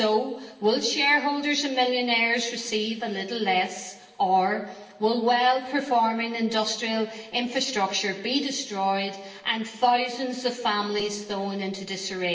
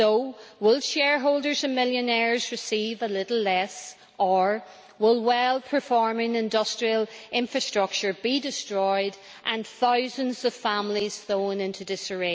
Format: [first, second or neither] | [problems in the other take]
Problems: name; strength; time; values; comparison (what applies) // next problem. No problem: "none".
second | room echo; dies away in 0.8 s